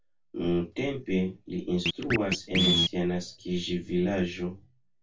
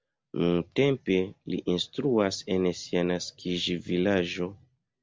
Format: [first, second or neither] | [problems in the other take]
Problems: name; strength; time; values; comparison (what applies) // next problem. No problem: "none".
second | background sound (Scratching (performance technique)); 1 dB below the speech // room echo; dies away in 0.2 s